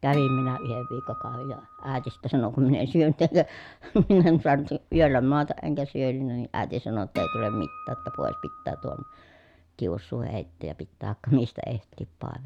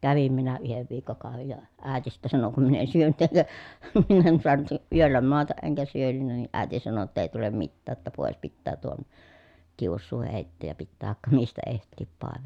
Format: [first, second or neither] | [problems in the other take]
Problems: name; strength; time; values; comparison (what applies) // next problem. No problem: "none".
second | background sound (Acoustic guitar); 11 dB below the speech